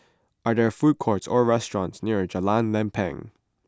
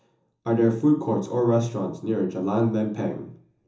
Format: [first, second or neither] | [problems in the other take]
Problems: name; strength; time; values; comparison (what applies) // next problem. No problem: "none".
first | room echo; dies away in 0.7 s